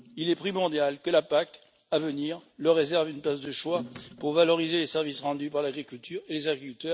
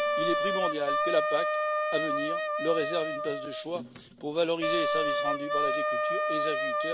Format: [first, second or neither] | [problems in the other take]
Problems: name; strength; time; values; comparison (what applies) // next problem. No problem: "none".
first | background sound (Wind instrument, woodwind instrument); 4 dB above the speech